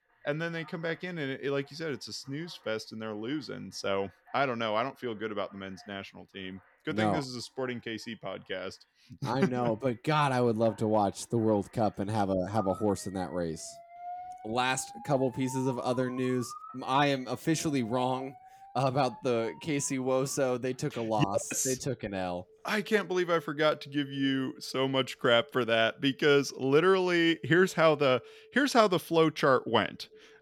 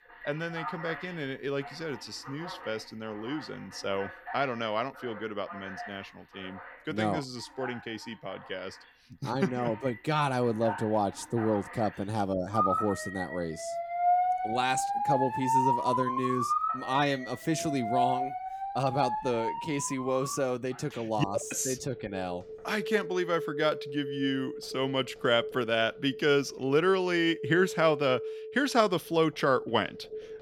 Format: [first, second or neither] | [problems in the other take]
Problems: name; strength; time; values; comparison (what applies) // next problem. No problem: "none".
first | alarms or sirens; loud; throughout; 4 dB below the speech; faint in the first